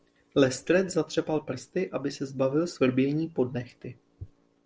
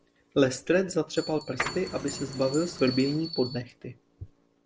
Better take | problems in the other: first | background sound (Printer + Bell); 9 dB below the speech

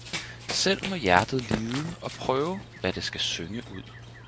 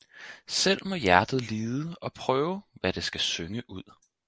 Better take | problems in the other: second | background sound (Run); 9 dB below the speech

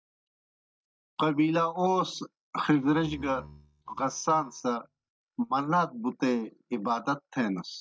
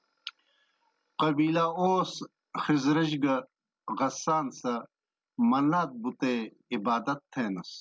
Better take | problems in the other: second | noise reduction (neural mask model DeepFilterNet 3)

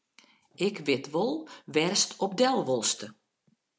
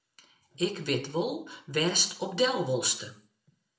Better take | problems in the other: first | room echo; dies away in 0.3 s

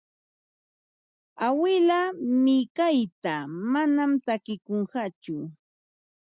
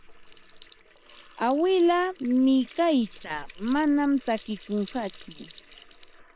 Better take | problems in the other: first | noise reduction (neural separator model SepFormer WHAM!)

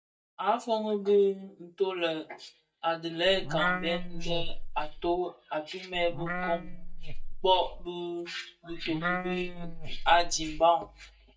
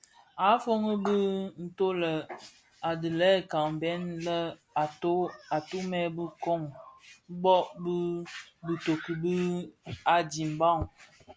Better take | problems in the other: second | noise reduction (neural mask model DeepFilterNet 3)

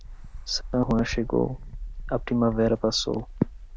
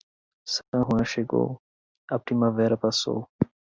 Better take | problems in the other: second | background sound (Bird); 10 dB below the speech

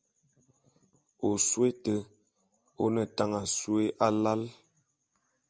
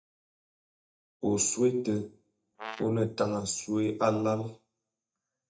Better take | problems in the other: first | noise reduction (neural mask model DeepFilterNet 3)

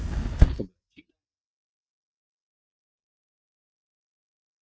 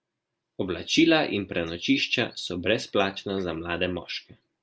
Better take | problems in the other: second | noise reduction (neural mask model DeepFilterNet 3)

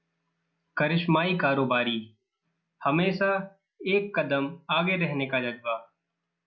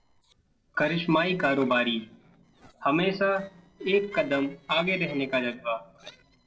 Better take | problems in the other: first | noise reduction (neural separator model SepFormer DNS4)

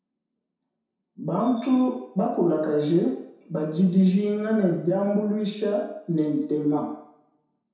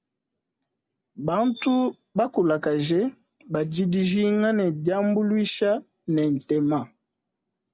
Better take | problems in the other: second | room echo; dies away in 0.7 s

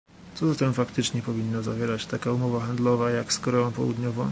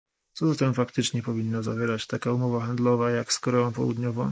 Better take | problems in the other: first | noise reduction (neural mask model Resemble Enhance denoiser)

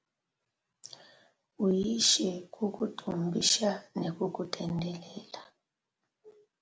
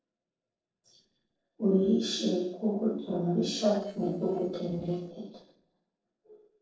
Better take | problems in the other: first | noise reduction (neural separator model SepFormer DNS4)

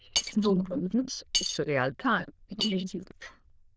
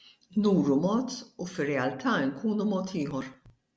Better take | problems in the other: second | noise reduction (neural diffusion model UNIVERSE++)

